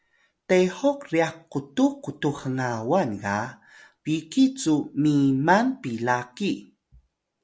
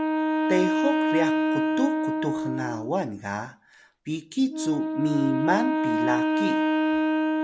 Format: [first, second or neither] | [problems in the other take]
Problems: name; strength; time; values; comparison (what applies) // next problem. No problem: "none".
first | background sound (Wind instrument, woodwind instrument); 4 dB above the speech